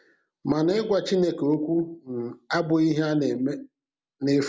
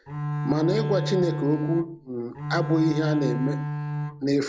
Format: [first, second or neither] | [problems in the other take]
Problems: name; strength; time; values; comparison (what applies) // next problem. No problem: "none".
first | background sound (Bowed string instrument); 3 dB below the speech